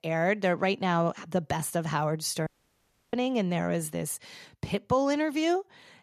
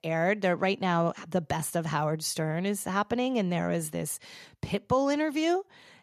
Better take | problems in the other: second | audio cutting out; at 2.5 s for 0.5 s

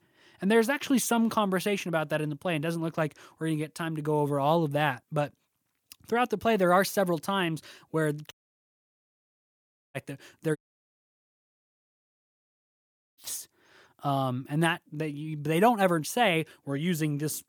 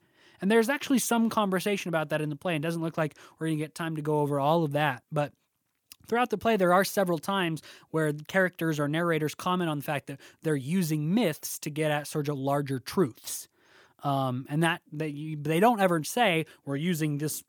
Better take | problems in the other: second | audio cutting out; at 8.5 s for 1.5 s and at 11 s for 2.5 s

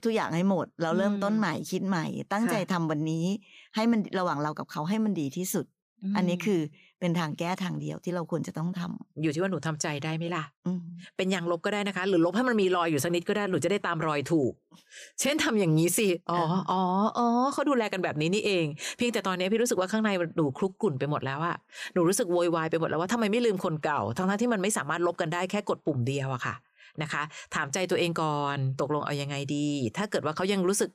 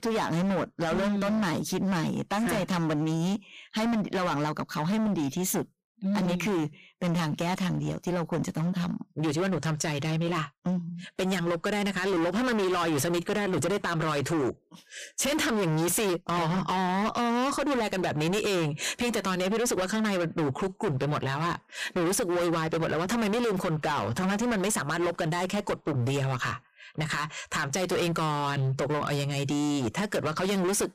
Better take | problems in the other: first | distortion; heavy; 30% of the sound clipped

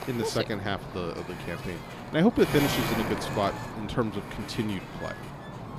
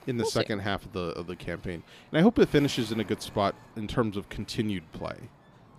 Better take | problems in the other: second | wind noise on the microphone; heavy; 5 dB below the speech; occasional gusts in the second

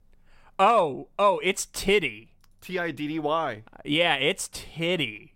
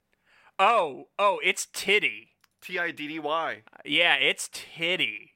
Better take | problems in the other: first | thin; very slightly; fading below 850 Hz

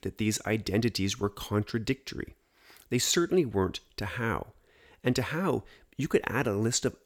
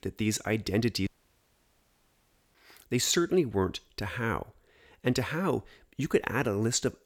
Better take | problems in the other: first | audio cutting out; at 1 s for 1.5 s

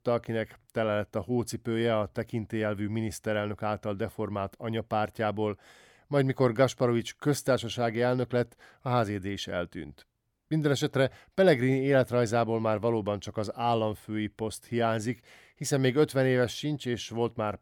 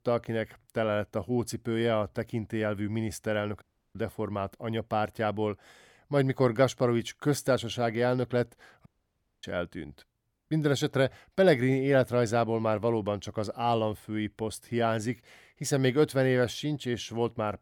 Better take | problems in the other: first | audio cutting out; at 3.5 s and at 9 s for 0.5 s

